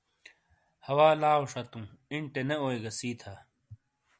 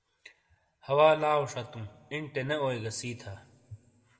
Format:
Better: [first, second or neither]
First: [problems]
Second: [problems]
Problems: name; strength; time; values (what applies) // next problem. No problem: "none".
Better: first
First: none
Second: room echo; dies away in 1.3 s